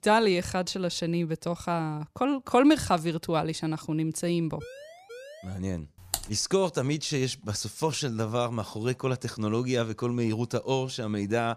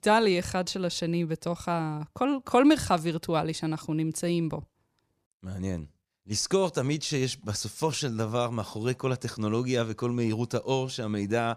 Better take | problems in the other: second | siren; faint; at 4.5 s; peak 15 dB below the speech // keyboard typing; noticeable; at 6 s; peak 5 dB below the speech

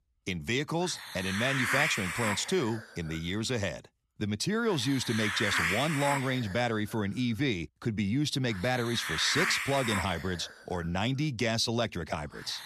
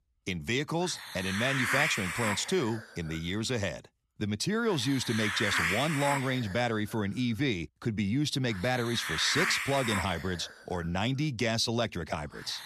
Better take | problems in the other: neither | hiss; loud; throughout; 1 dB below the speech; the same in both

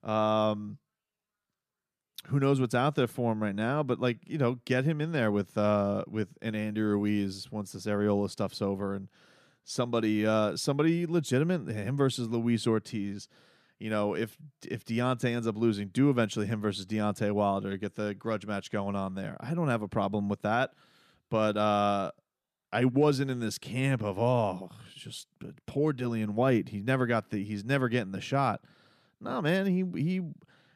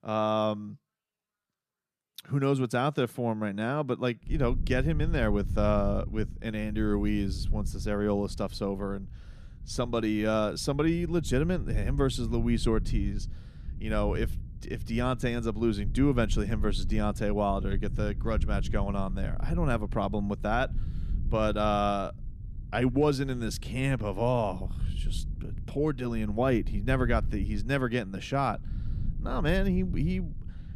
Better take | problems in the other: first | low rumble; faint; from 4.5 s on; 20 dB below the speech

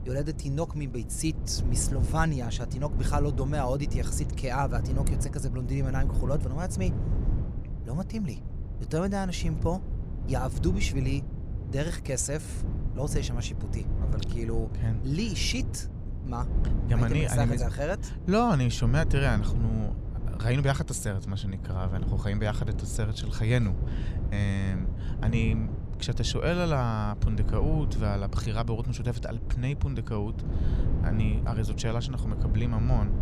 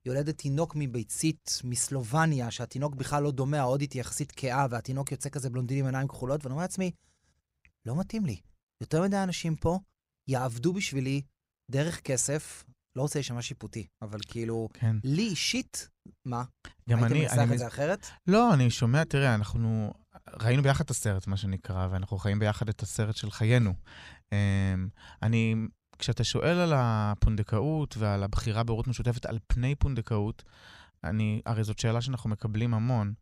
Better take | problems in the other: second | wind noise on the microphone; occasional gusts; 10 dB below the speech

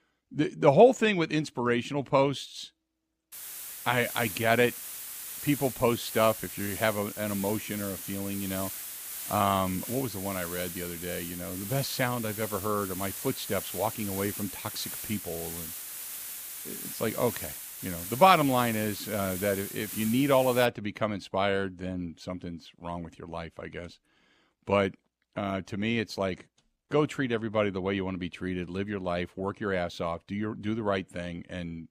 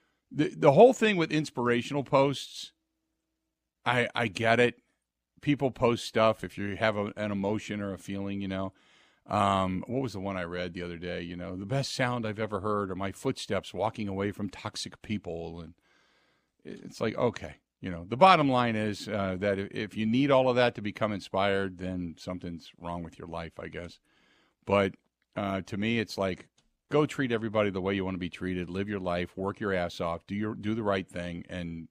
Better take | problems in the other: second | hiss; loud; from 3.5 to 21 s; 8 dB below the speech

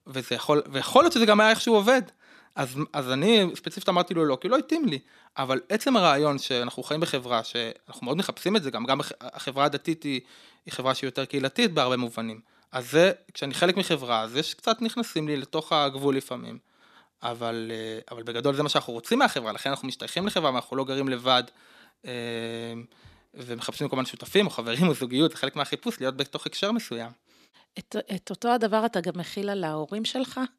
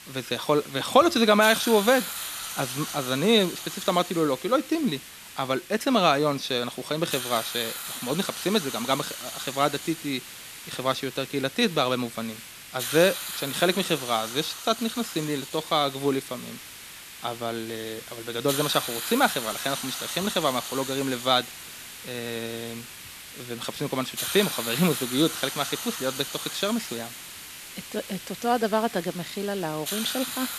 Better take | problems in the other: first | hiss; loud; throughout; 8 dB below the speech

